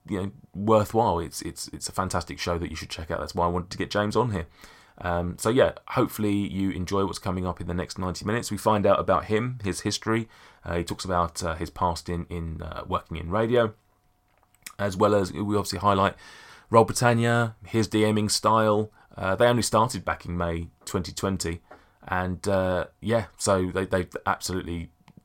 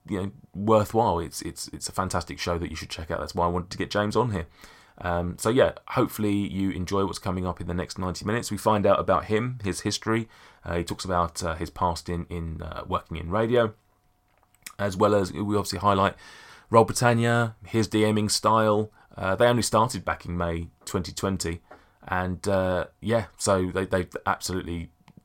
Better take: neither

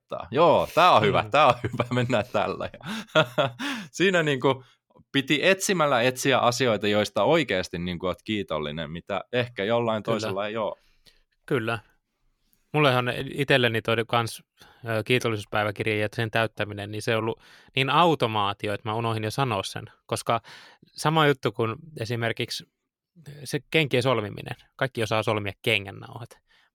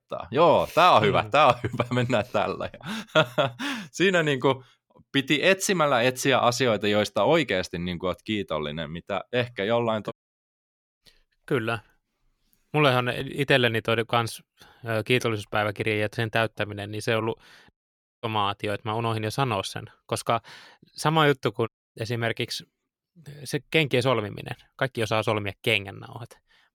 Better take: first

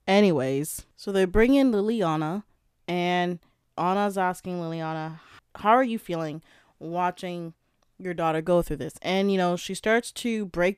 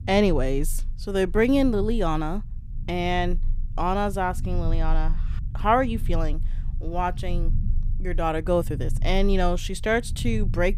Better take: first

